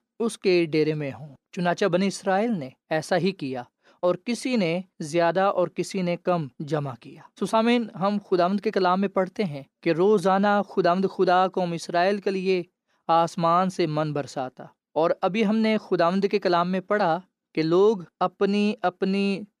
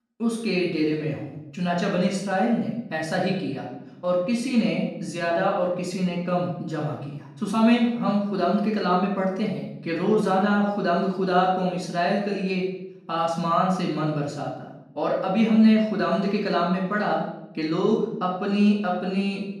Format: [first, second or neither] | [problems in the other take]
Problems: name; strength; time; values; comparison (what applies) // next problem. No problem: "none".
first | off-mic speech; far // room echo; noticeable; dies away in 0.7 s